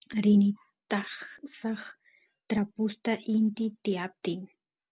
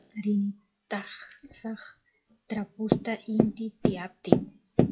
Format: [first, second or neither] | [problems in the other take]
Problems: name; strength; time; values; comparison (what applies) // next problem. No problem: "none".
first | noise reduction (classical method WPE with log-MMSE)